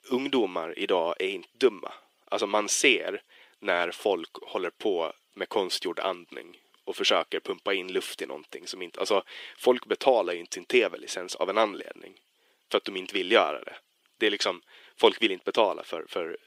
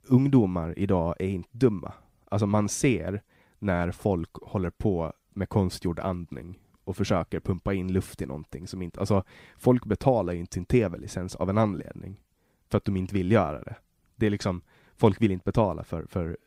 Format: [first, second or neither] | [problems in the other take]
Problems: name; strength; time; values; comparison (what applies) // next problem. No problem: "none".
second | thin; very; fading below 350 Hz